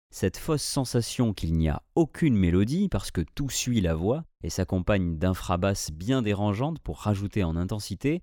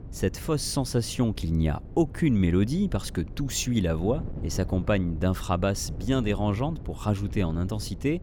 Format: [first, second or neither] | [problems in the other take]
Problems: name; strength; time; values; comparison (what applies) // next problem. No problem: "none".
first | wind noise on the microphone; occasional gusts; 20 dB below the speech